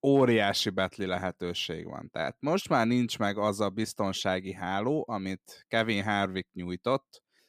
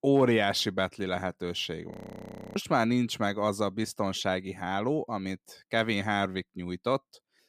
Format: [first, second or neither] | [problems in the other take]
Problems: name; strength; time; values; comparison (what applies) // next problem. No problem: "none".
first | audio freezing; at 2 s for 0.5 s